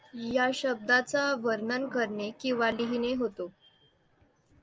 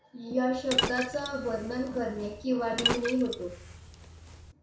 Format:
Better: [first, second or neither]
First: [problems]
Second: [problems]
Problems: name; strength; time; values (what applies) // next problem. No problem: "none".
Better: first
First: none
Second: background sound (Liquid); 4 dB below the speech // room echo; dies away in 0.6 s